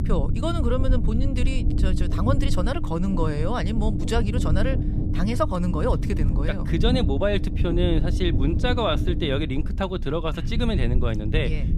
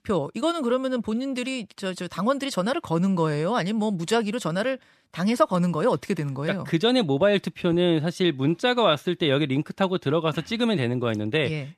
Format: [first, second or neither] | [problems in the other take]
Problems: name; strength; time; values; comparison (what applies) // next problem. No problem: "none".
second | low rumble; loud; throughout; 9 dB below the speech